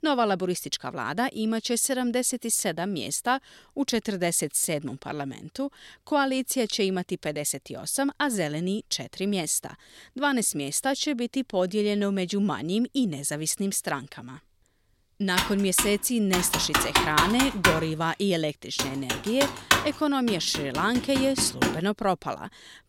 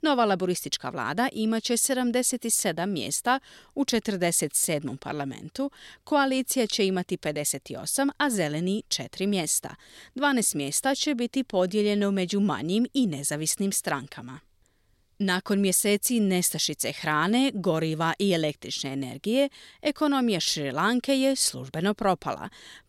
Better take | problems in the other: second | keyboard typing; loud; from 15 to 22 s; peak 5 dB above the speech

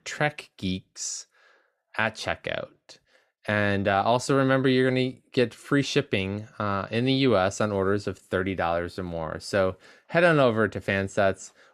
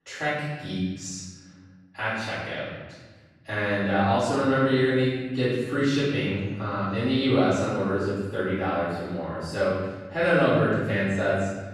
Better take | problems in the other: first | off-mic speech; far // room echo; strong; dies away in 1.4 s

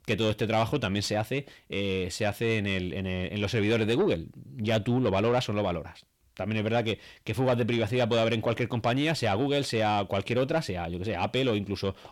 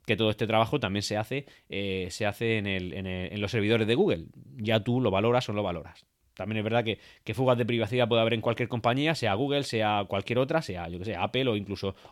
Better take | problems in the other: second | distortion; slight; 10 dB below the speech

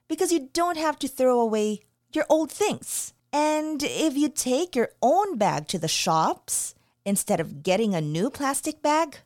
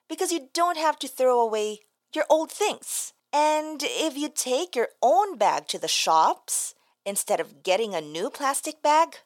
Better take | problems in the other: first | thin; somewhat; fading below 500 Hz

